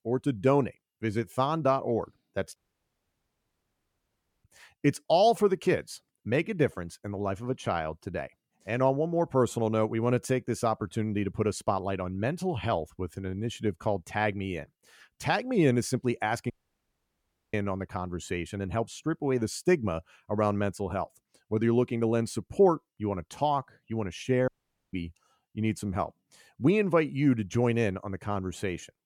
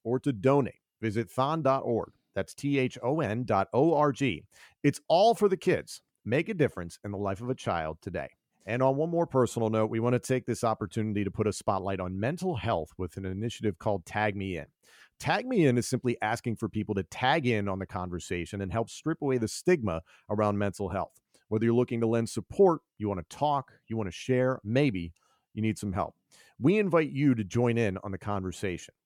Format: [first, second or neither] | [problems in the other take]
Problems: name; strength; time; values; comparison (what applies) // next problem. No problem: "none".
second | audio cutting out; at 2.5 s for 2 s, at 17 s for 1 s and at 24 s